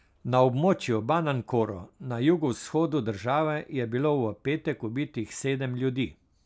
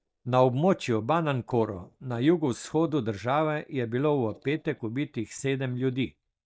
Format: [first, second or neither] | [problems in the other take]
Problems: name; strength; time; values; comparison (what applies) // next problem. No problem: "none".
first | noise reduction (neural mask model DeepFilterNet 3)